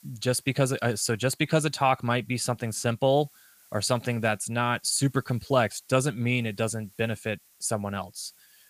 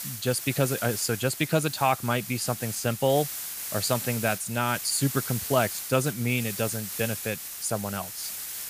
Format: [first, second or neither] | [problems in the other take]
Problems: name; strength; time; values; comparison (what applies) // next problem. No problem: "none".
first | hiss; loud; throughout; 6 dB below the speech; faint in the first